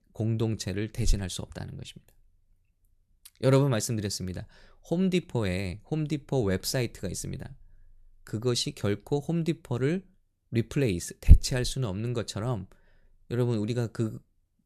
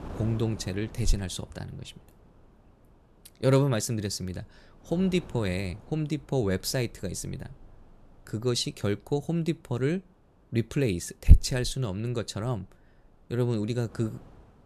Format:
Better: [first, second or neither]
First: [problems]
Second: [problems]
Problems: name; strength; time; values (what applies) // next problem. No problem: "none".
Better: first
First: none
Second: wind noise on the microphone; occasional gusts; 20 dB below the speech